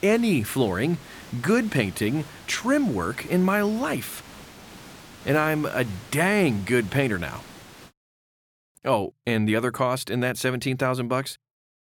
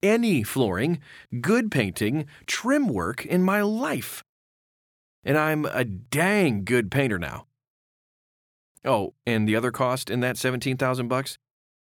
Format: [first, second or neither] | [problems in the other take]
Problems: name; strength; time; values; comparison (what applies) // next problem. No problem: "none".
second | hiss; noticeable; until 8 s; 20 dB below the speech